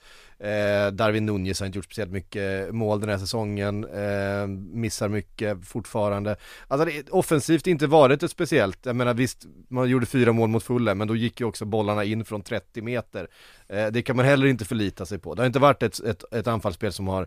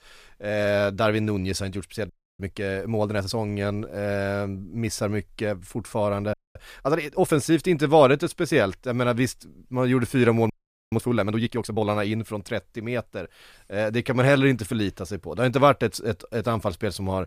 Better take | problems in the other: first | audio freezing; at 2 s, at 6.5 s and at 11 s

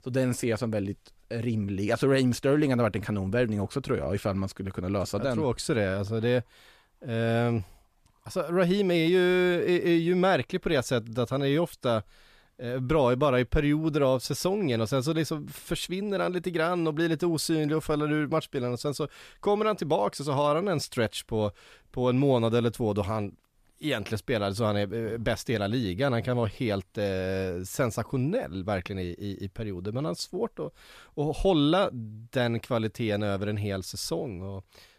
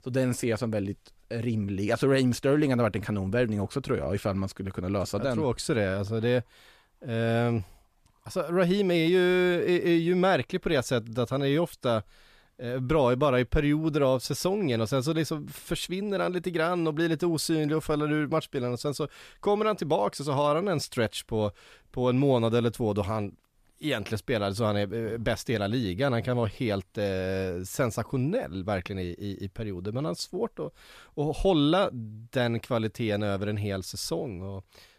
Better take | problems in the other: neither | none

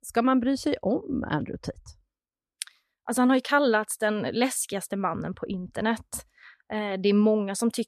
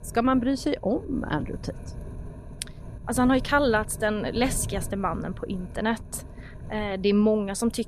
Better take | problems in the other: first | wind noise on the microphone; occasional gusts; 20 dB below the speech

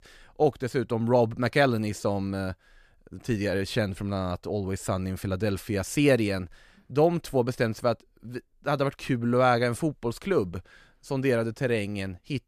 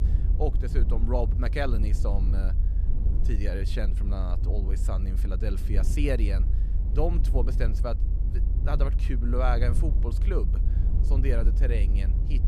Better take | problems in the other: first | low rumble; loud; throughout; 10 dB below the speech

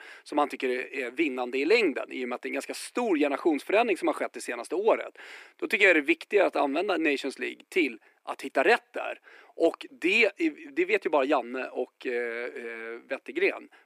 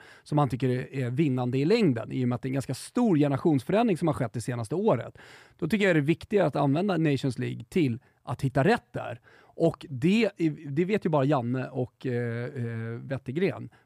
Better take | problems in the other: second | thin; somewhat; fading below 300 Hz

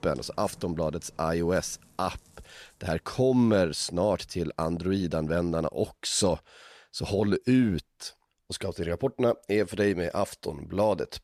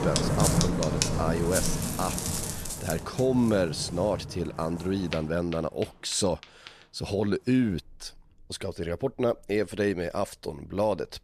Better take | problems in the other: first | rain or running water; loud; throughout; 1 dB below the speech; faint in the first

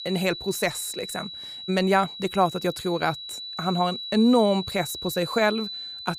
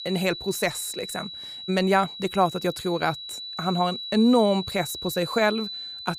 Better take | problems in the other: neither | high-pitched whine; loud; throughout; 4 kHz, 9 dB below the speech; the same in both

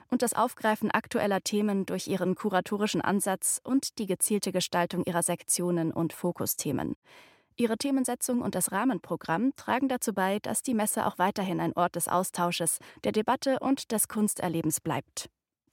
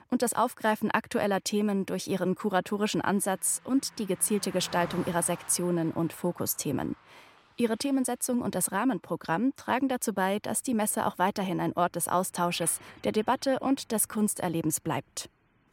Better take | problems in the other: first | traffic noise; faint; throughout; 20 dB below the speech

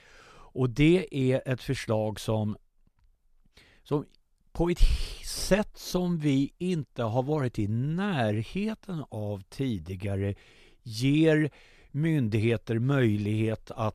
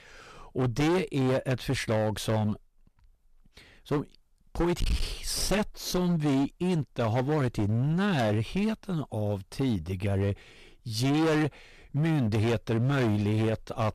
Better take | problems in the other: first | distortion; heavy; 16% of the sound clipped

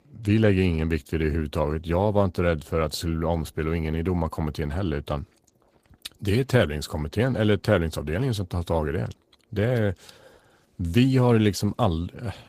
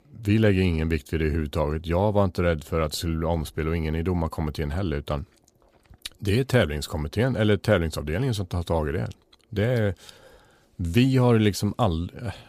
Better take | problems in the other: second | garbled, watery; slightly; nothing above 15 kHz

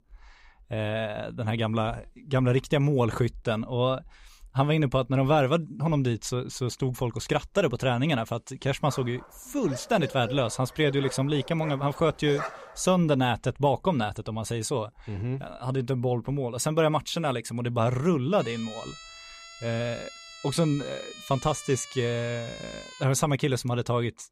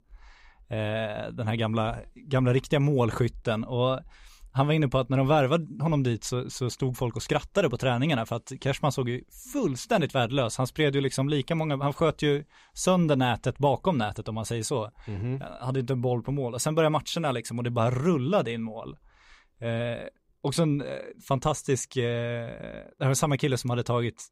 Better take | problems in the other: second | dog barking; noticeable; from 9 to 13 s; peak 8 dB below the speech // siren; faint; from 18 to 23 s; peak 15 dB below the speech

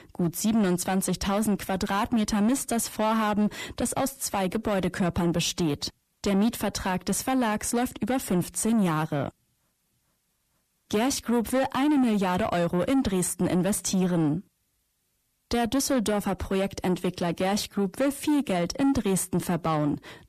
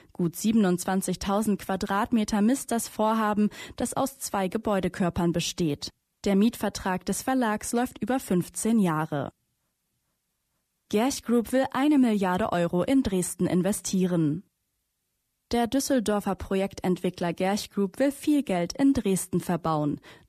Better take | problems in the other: second | distortion; slight; 10 dB below the speech

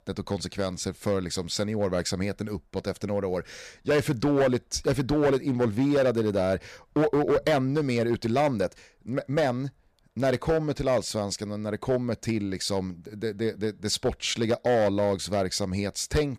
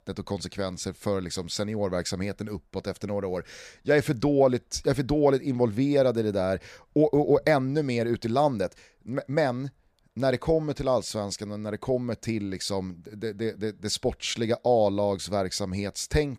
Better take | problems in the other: second | distortion; slight; 6% of the sound clipped

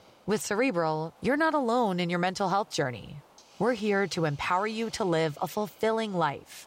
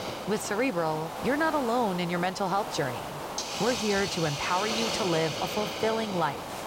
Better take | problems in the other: first | hiss; loud; throughout; 4 dB below the speech; faint in the first

